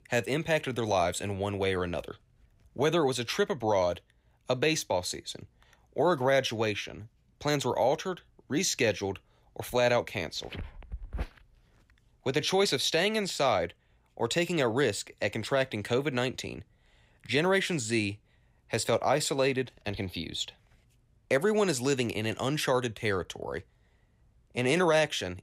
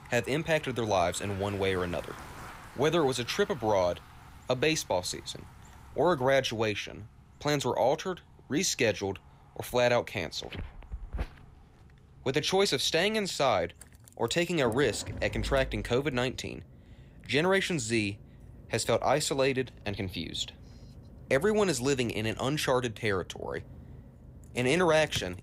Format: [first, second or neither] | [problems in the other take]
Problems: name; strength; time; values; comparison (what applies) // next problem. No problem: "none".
first | traffic noise; noticeable; throughout; 20 dB below the speech